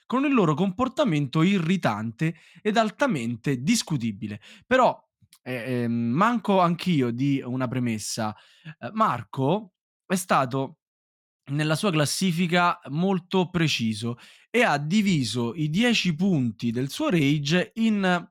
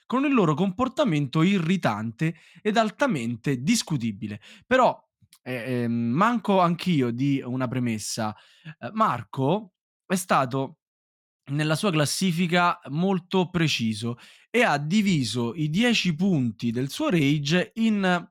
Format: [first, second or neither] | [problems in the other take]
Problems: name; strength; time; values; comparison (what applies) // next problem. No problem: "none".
neither | none